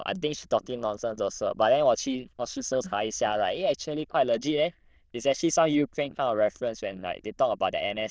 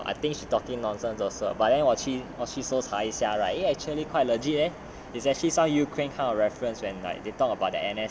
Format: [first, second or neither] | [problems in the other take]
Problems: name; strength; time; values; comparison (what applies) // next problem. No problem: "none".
second | noise reduction (neural diffusion model UNIVERSE++)